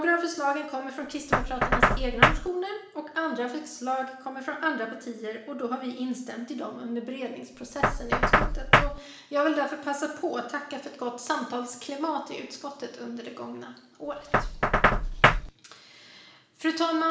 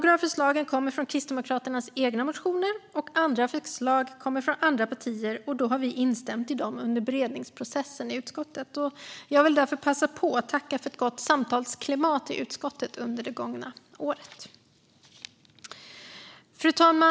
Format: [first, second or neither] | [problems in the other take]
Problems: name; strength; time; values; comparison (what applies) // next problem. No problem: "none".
second | background sound (Knock); 2 dB above the speech // room echo; dies away in 0.7 s